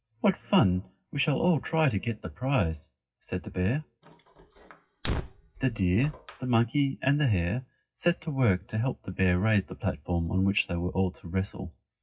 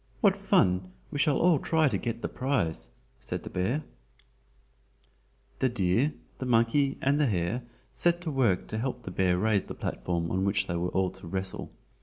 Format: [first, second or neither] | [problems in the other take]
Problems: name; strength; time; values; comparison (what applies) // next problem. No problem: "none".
second | noise reduction (classical method WPE with log-MMSE)